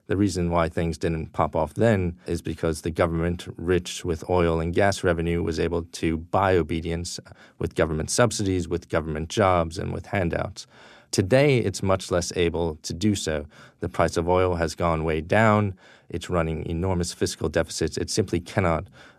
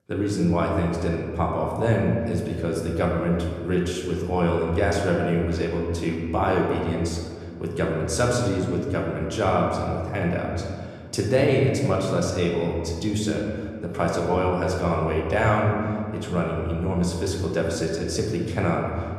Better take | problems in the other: first | room echo; noticeable; dies away in 2 s // off-mic speech; somewhat distant

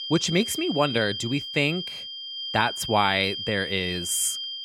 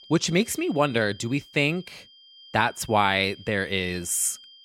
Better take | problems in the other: second | high-pitched whine; loud; throughout; 3 kHz, 6 dB below the speech; faint in the second

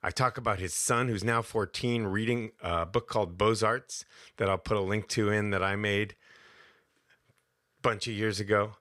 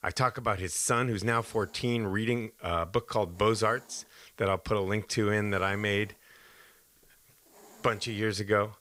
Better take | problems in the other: first | hiss; faint; throughout; 25 dB below the speech

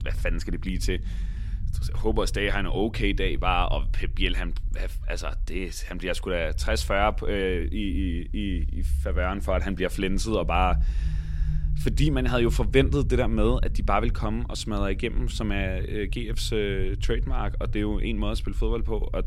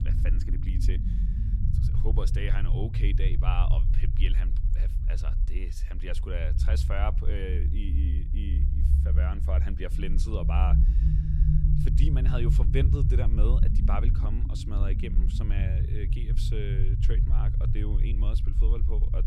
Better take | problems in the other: first | low rumble; loud; throughout; 4 dB below the speech; faint in the first

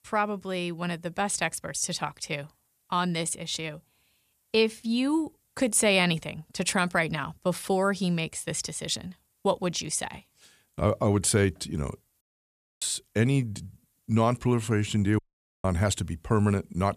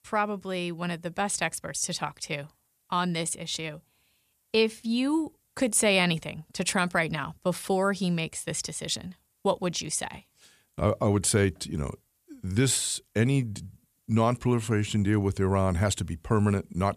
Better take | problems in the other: second | audio cutting out; at 12 s for 0.5 s and at 15 s

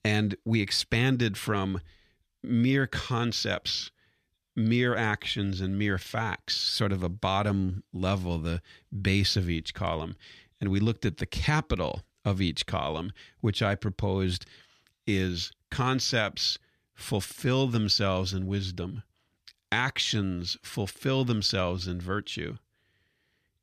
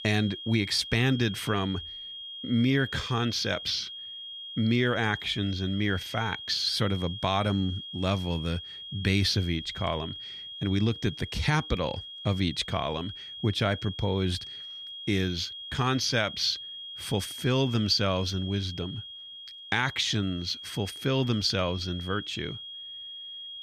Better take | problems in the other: first | high-pitched whine; loud; throughout; 3.5 kHz, 10 dB below the speech

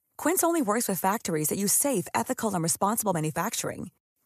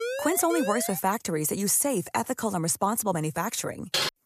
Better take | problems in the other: first | siren; noticeable; at the start; peak 6 dB below the speech // keyboard typing; noticeable; at 4 s; peak 1 dB below the speech

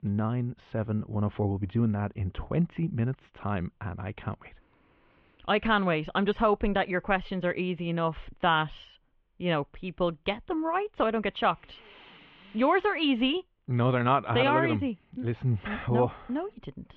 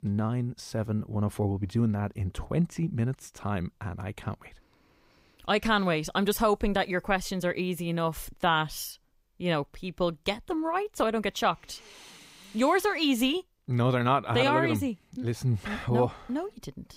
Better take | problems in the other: second | muffled; very; fading above 3 kHz

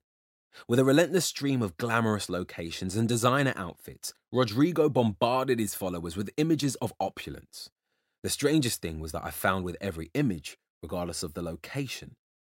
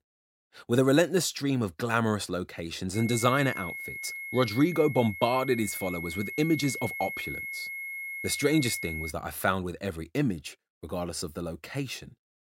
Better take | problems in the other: first | high-pitched whine; loud; from 3 to 9 s; 2 kHz, 7 dB below the speech

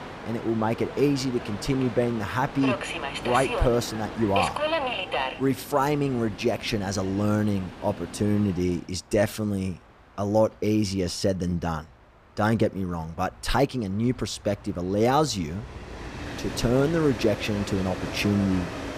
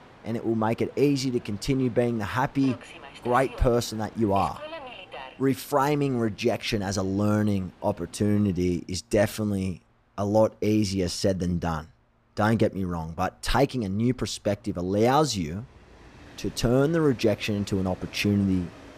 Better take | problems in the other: second | train or aircraft noise; loud; throughout; 7 dB below the speech; faint in the second

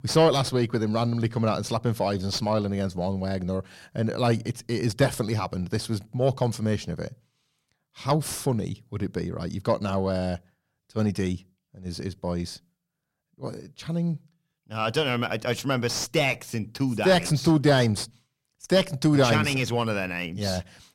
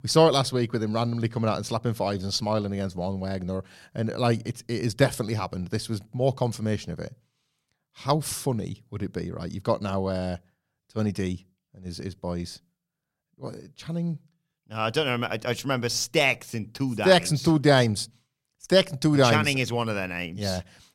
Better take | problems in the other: second | distortion; slight; 10 dB below the speech

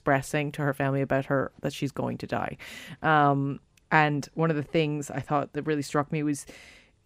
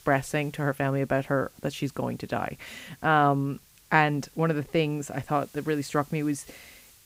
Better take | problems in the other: first | hiss; faint; throughout; 25 dB below the speech

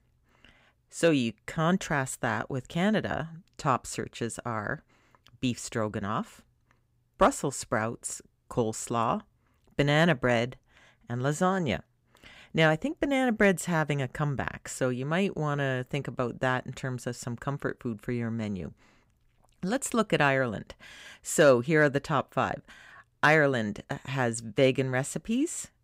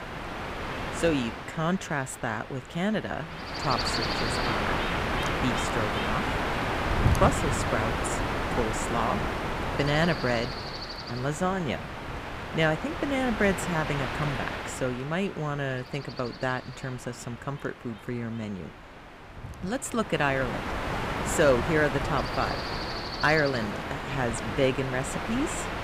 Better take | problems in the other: first | wind noise on the microphone; heavy; 1 dB below the speech

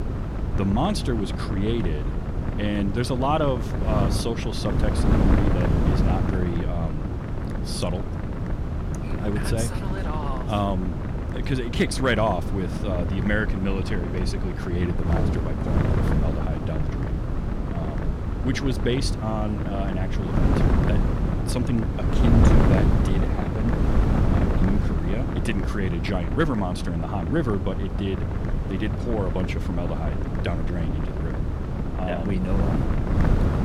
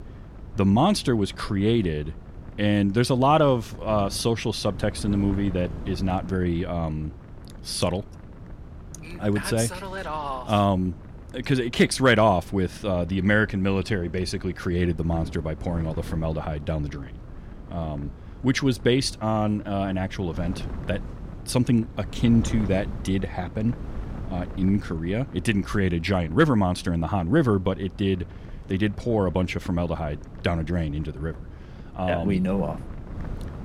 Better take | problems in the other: second | wind noise on the microphone; heavy; 2 dB below the speech; occasional gusts in the second

